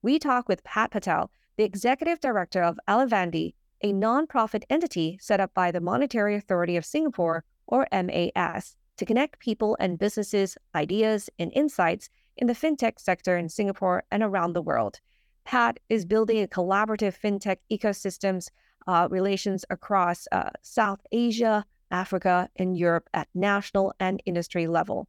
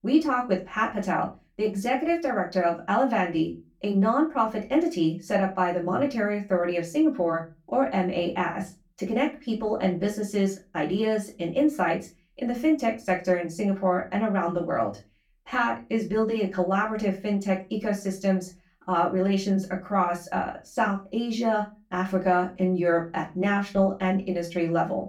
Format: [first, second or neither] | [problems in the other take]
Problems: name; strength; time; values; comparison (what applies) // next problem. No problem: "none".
first | off-mic speech; far // room echo; very slight; dies away in 0.2 s